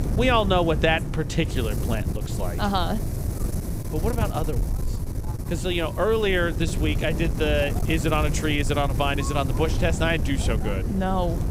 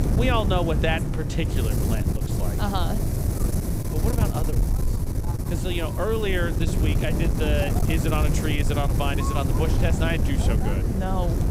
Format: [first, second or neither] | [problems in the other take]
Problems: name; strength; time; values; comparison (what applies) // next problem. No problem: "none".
first | wind noise on the microphone; heavy; 5 dB below the speech; occasional gusts in the first